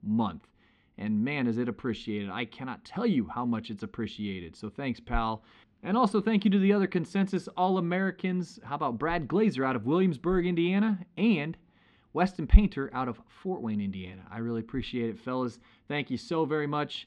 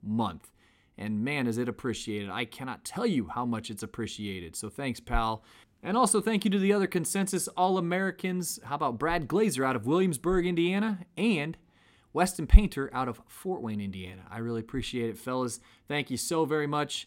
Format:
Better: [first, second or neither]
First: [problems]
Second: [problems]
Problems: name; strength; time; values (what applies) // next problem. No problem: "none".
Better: second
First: muffled; slightly; fading above 4 kHz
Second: none